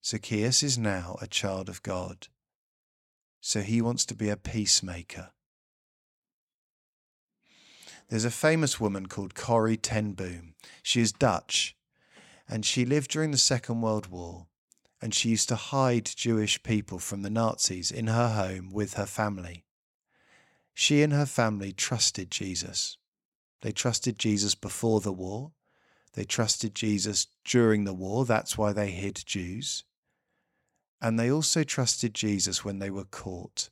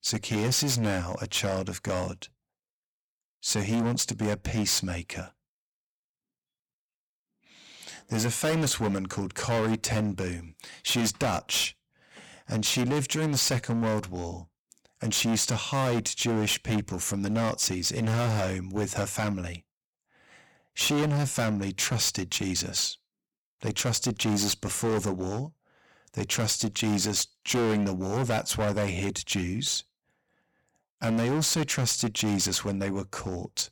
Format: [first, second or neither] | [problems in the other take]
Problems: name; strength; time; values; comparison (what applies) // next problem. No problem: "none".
first | distortion; heavy; 15% of the sound clipped